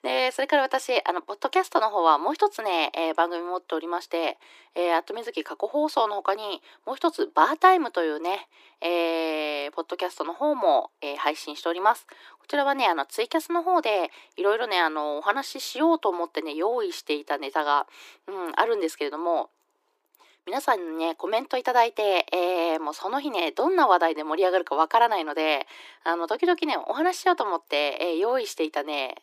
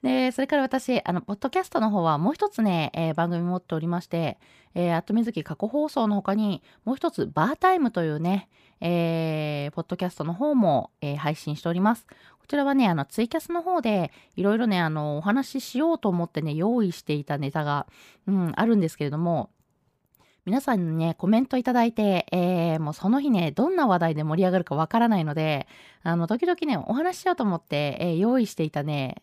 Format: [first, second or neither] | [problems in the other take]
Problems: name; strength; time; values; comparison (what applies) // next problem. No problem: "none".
second | thin; very; fading below 300 Hz